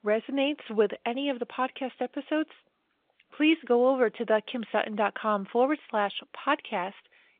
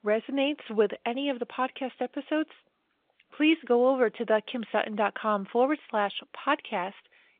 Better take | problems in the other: neither | phone-call audio; the same in both

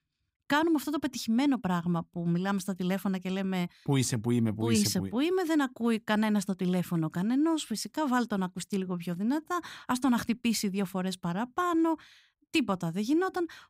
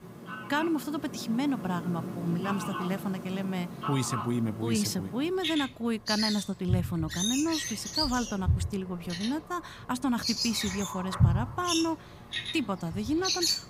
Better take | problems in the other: first | animal sounds; loud; throughout; 1 dB below the speech

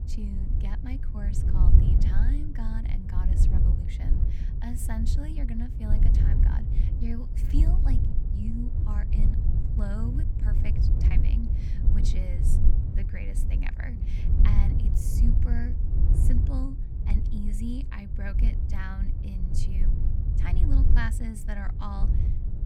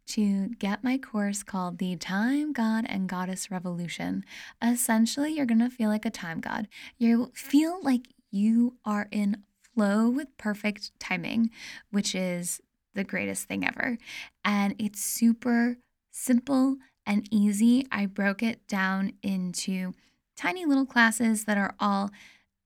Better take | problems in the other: second | wind noise on the microphone; heavy; 1 dB below the speech

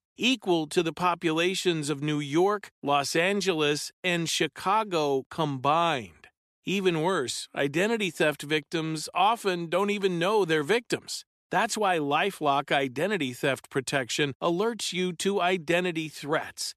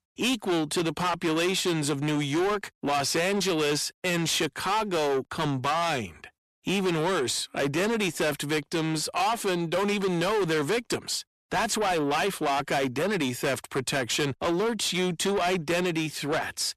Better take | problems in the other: first | distortion; heavy; 7 dB below the speech

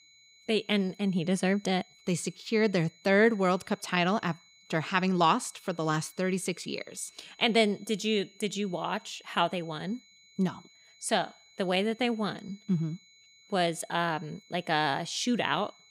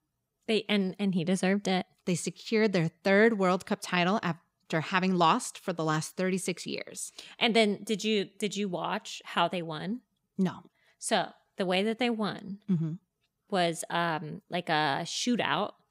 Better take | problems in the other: second | high-pitched whine; faint; throughout; 4 kHz, 25 dB below the speech

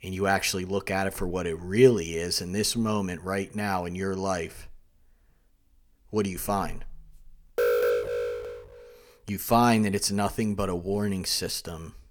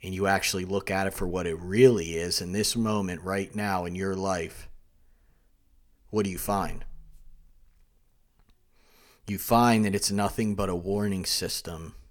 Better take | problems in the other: second | alarm; loud; from 7.5 to 8.5 s; peak 3 dB above the speech

